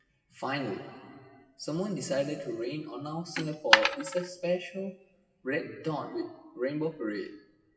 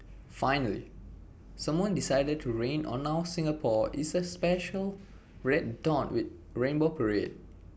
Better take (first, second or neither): second